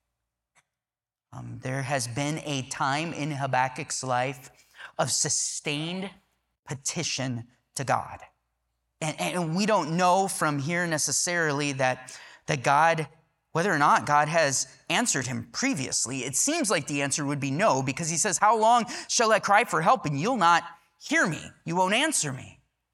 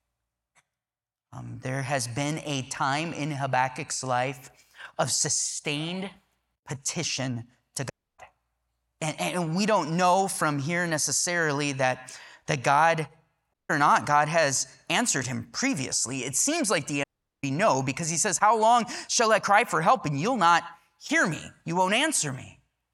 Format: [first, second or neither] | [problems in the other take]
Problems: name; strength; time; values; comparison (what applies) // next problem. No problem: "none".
first | audio cutting out; at 8 s, at 14 s and at 17 s